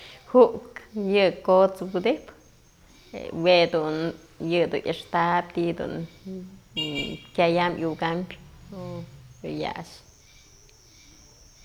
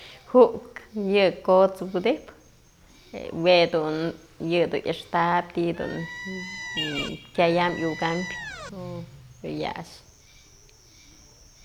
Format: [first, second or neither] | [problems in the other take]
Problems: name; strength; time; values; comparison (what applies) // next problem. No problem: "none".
first | background sound (Squeak); 12 dB below the speech